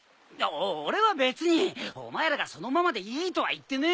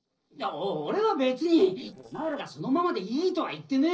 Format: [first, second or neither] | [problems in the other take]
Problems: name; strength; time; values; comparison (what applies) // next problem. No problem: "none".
first | noise reduction (neural separator model SepFormer DNS4)